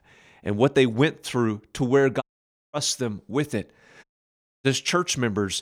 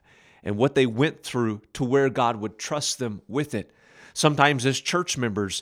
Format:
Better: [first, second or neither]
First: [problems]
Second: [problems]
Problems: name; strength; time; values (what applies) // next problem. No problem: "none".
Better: second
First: audio cutting out; at 2 s for 0.5 s and at 4 s for 0.5 s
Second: none